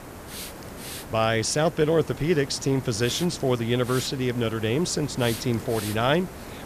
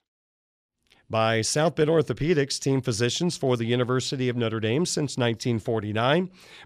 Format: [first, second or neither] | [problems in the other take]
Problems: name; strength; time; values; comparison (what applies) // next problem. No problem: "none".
second | hiss; noticeable; throughout; 15 dB below the speech